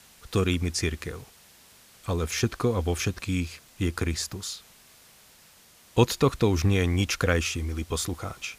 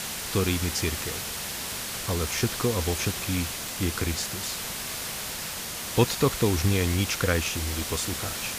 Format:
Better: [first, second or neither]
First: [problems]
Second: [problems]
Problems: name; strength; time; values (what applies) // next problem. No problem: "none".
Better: first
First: hiss; faint; throughout; 25 dB below the speech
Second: hiss; loud; throughout; 3 dB below the speech